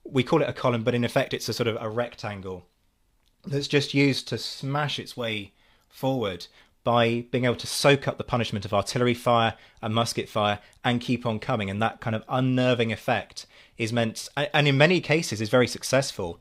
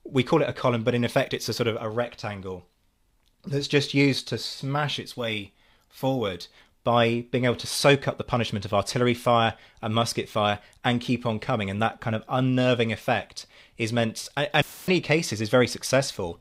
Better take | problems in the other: first | audio cutting out; filled with static; at 15 s

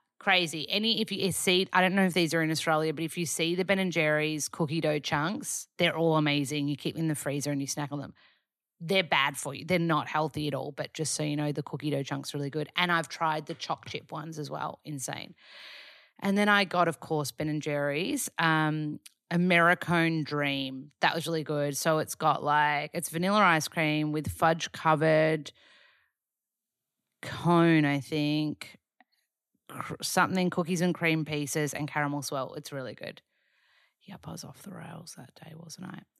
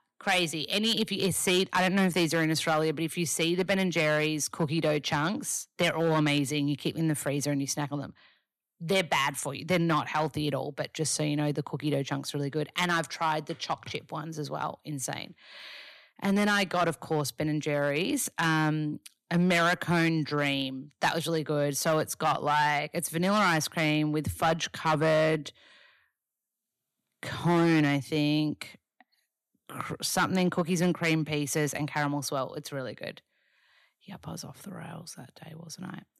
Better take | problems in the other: first | distortion; slight; 4% of the sound clipped

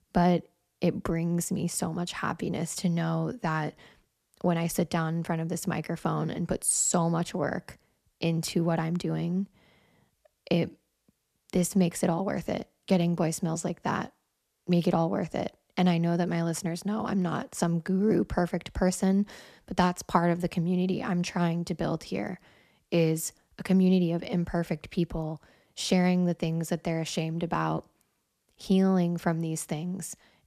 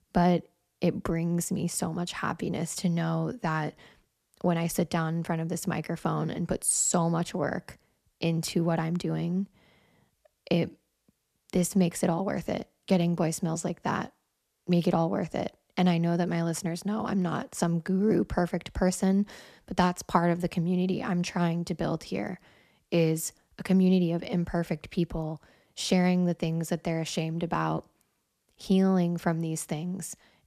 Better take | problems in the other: neither | none

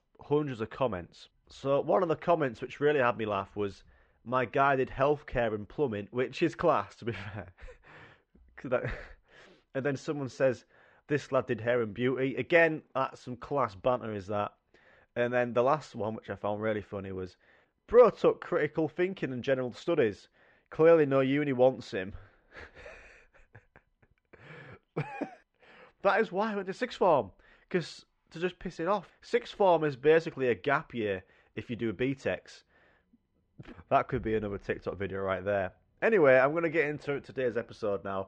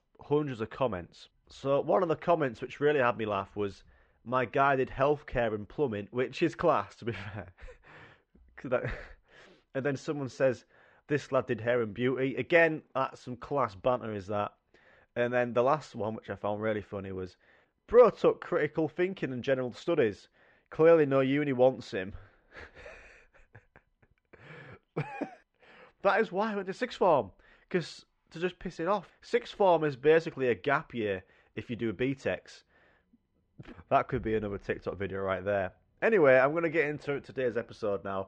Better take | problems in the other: neither | muffled; slightly; fading above 3 kHz; the same in both

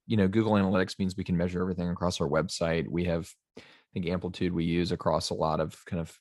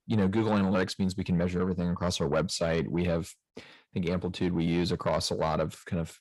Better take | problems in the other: first | distortion; slight; 10 dB below the speech

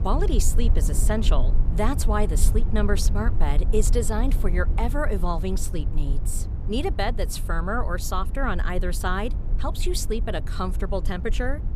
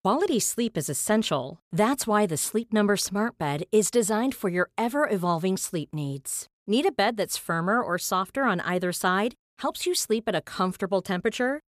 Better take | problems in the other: second | low rumble; noticeable; throughout; 15 dB below the speech

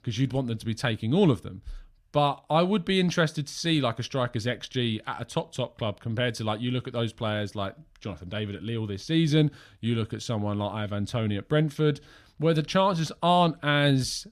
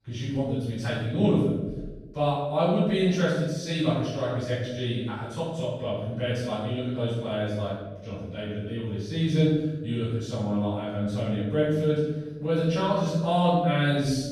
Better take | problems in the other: first | off-mic speech; far // room echo; strong; dies away in 1.1 s

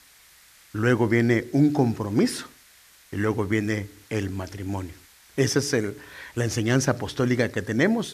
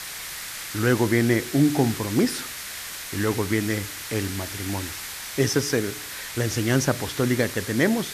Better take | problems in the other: first | hiss; loud; throughout; 8 dB below the speech; faint in the first

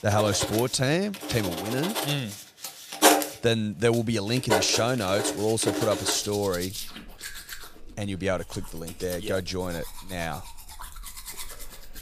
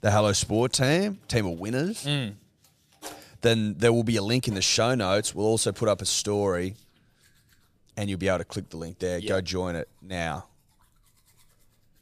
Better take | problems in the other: second | household noises; loud; throughout; 2 dB below the speech; faint in the second

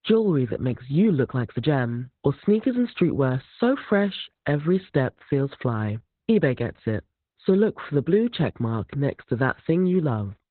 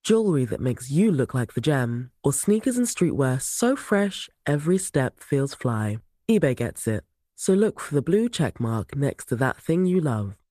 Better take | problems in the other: second | garbled, watery; badly; nothing above 4 kHz; slightly in the second

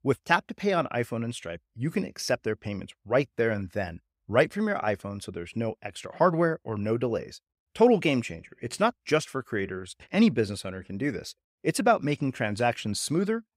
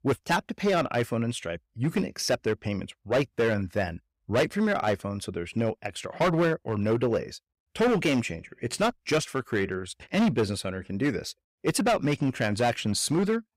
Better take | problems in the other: first | distortion; heavy; 8% of the sound clipped

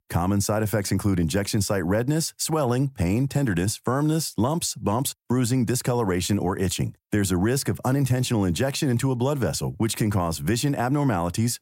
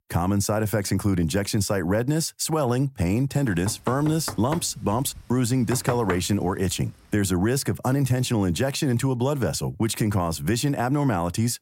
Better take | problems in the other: first | door banging; noticeable; from 3.5 to 6 s; peak 7 dB below the speech

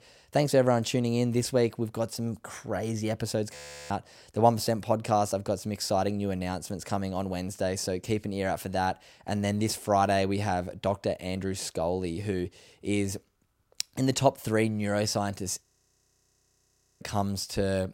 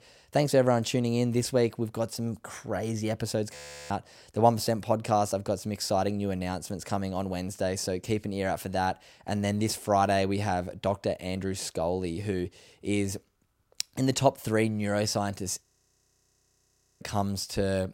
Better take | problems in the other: neither | audio freezing; at 3.5 s and at 16 s for 1.5 s; the same in both

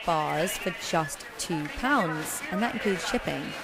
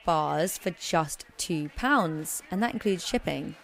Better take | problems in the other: second | crowd noise; loud; throughout; 5 dB below the speech; faint in the second

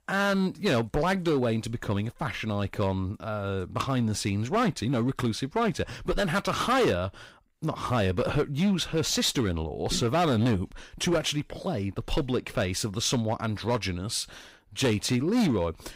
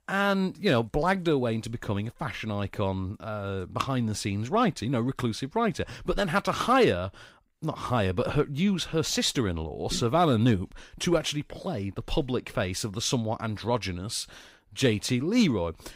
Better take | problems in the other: second | distortion; slight; 7% of the sound clipped

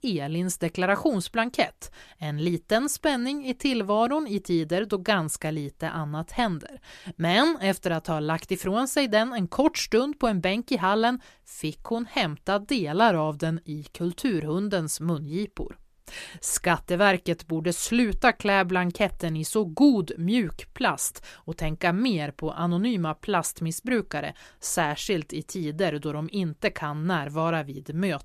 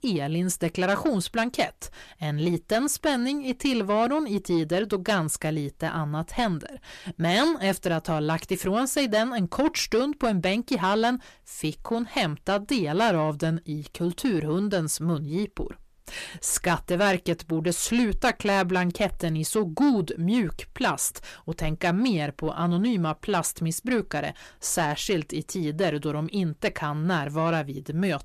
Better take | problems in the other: first | distortion; slight; 10 dB below the speech

